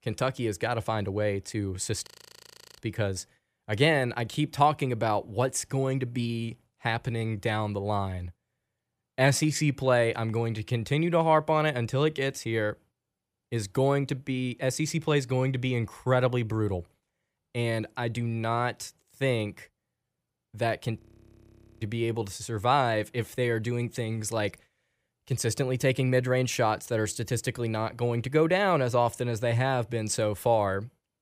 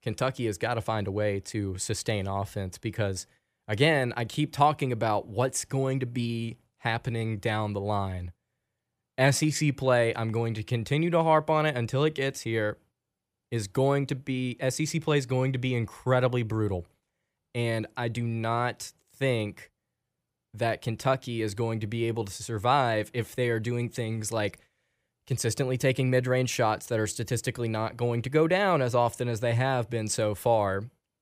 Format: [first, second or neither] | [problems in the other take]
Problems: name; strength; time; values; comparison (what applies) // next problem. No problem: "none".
second | audio freezing; at 2 s for 0.5 s and at 21 s for 1 s